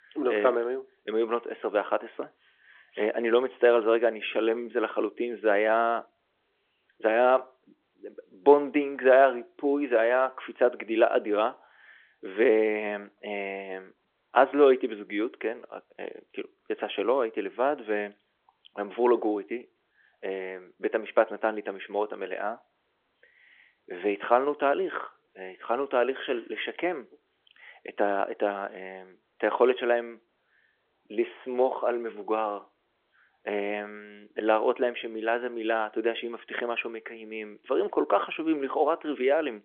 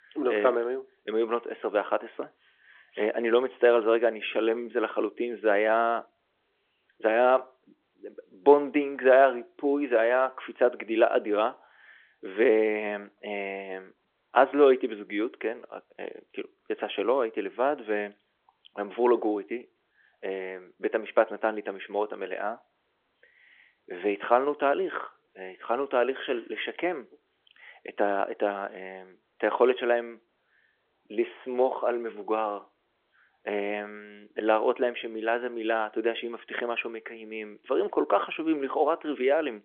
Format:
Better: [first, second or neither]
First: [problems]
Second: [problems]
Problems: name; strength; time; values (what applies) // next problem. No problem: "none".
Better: neither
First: phone-call audio; nothing above 3.5 kHz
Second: phone-call audio; nothing above 3.5 kHz